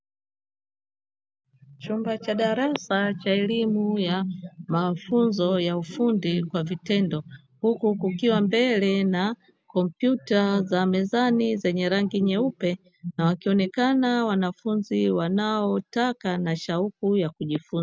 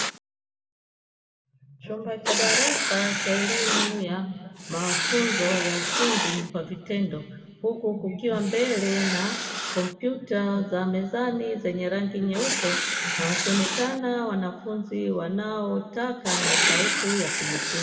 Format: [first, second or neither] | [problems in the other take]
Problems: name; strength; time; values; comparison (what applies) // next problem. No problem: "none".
first | background sound (Writing); 1 dB below the speech // room echo; dies away in 1.8 s